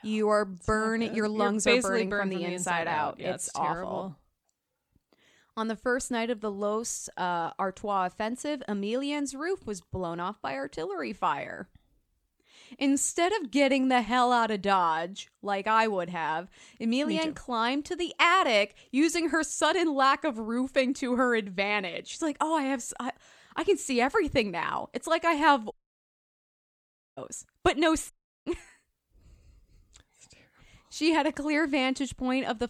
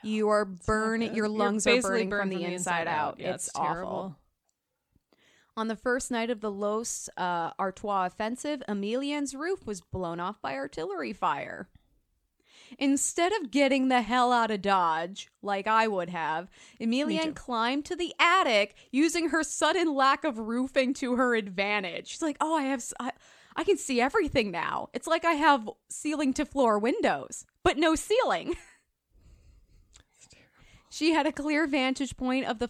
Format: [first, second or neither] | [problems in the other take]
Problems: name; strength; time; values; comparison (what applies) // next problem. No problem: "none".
second | audio cutting out; at 26 s for 1.5 s and at 28 s